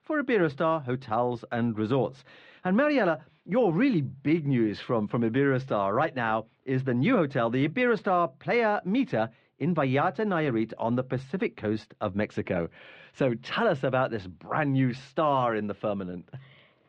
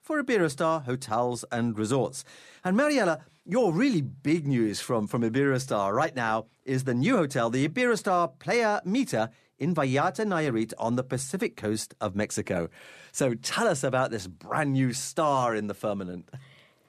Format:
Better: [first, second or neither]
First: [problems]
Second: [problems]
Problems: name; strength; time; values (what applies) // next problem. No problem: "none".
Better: second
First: muffled; slightly; fading above 3 kHz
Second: none